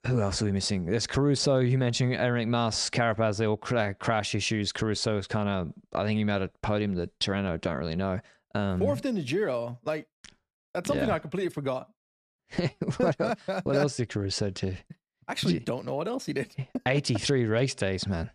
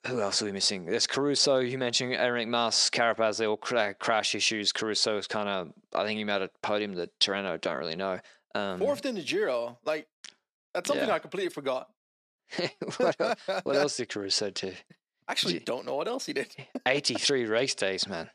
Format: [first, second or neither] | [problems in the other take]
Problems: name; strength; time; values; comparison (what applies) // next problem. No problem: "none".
first | thin; somewhat; fading below 350 Hz